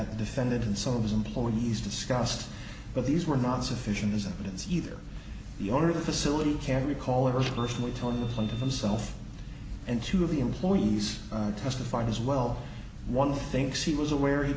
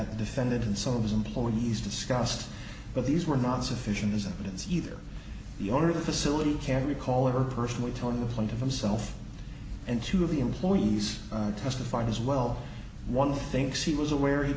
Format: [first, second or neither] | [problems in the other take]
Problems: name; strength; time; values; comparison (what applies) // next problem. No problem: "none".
second | background sound (Printer); 15 dB below the speech